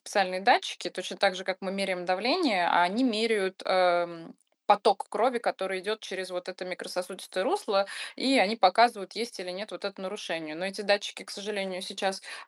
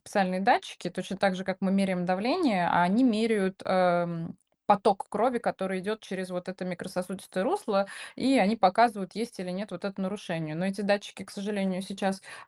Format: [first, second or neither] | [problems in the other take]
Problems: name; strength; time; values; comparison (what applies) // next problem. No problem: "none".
second | thin; very slightly; fading below 250 Hz